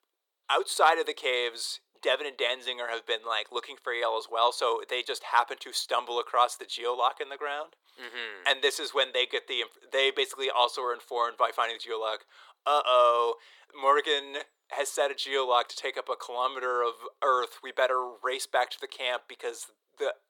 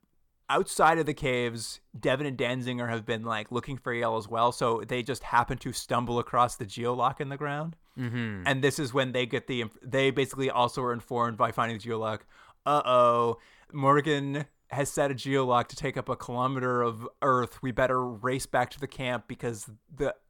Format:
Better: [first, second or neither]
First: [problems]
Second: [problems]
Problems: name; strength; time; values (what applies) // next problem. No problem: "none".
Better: second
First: thin; very; fading below 400 Hz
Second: none